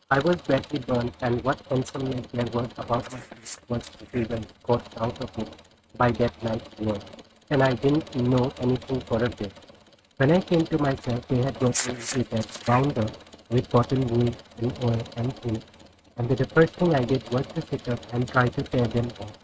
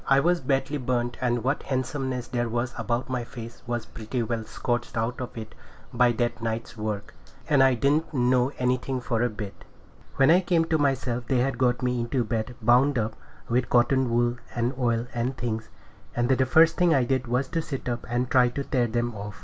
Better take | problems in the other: second | noise reduction (neural mask model RNNoise)

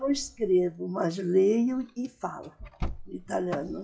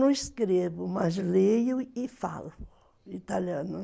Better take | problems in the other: second | noise reduction (classical method WPE with log-MMSE)

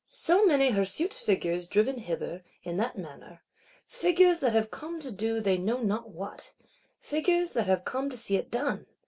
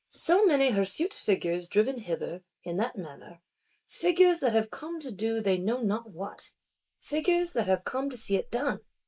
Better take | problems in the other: first | noise reduction (neural mask model Resemble Enhance denoiser)

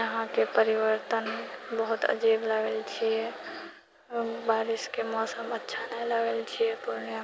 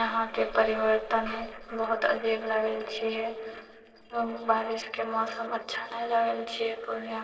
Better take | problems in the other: first | noise reduction (neural separator model SepFormer DNS4)

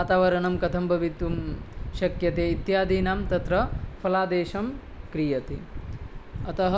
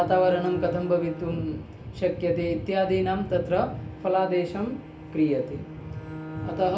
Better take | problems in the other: first | background sound (Bowed string instrument); 15 dB below the speech // room echo; dies away in 0.3 s

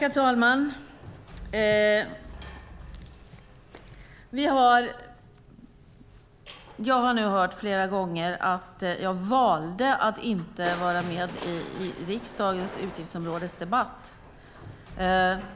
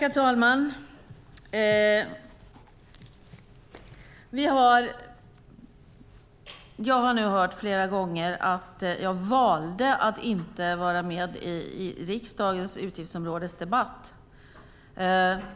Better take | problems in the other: second | background sound (Crushing); 18 dB below the speech

